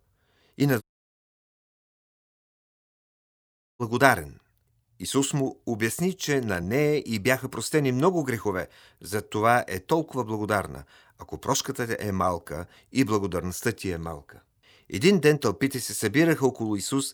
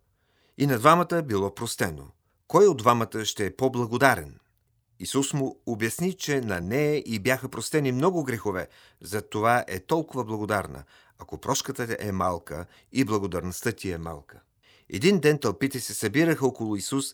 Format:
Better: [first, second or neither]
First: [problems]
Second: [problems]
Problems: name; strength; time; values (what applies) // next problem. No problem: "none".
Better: second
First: audio cutting out; at 1 s for 3 s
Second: none